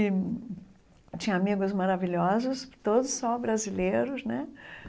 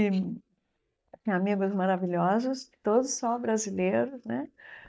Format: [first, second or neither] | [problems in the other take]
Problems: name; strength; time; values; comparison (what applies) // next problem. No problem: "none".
first | noise reduction (neural mask model DeepFilterNet 3)